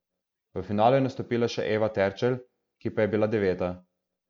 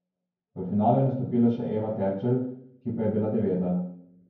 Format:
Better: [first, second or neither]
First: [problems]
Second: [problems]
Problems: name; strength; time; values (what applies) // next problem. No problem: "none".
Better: first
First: none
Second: room echo; dies away in 0.9 s